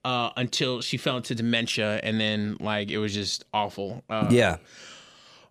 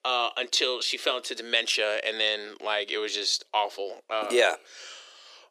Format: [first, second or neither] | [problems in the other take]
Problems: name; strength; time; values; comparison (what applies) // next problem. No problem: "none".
first | thin; very; fading below 350 Hz